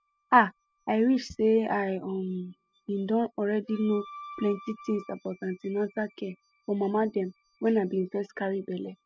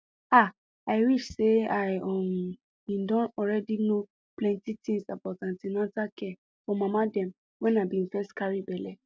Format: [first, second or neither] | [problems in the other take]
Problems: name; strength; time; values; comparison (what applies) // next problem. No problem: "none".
second | noise reduction (classical method spectral subtraction)